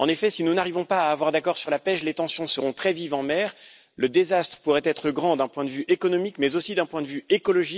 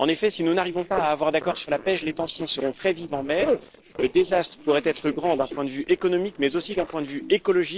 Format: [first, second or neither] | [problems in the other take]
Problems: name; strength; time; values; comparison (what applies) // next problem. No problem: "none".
first | noise reduction (neural separator model SepFormer DNS4)